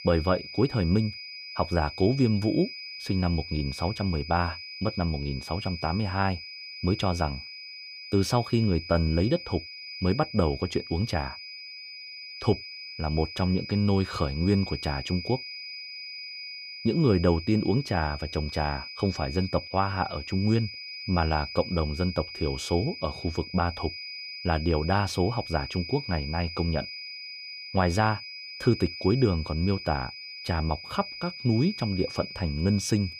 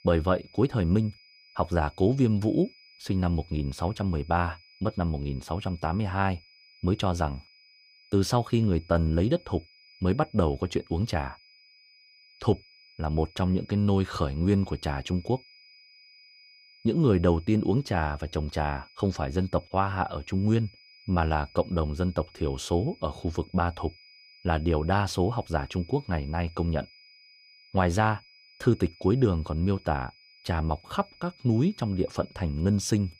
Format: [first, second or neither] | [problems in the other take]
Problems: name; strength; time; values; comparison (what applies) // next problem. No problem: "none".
second | high-pitched whine; loud; throughout; 5 kHz, 10 dB below the speech; faint in the second